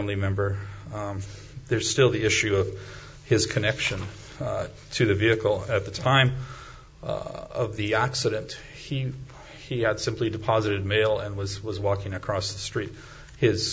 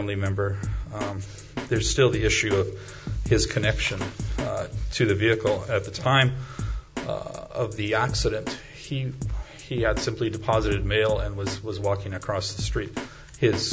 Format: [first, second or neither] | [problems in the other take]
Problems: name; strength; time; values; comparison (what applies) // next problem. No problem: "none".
first | background sound (Drum kit); 7 dB below the speech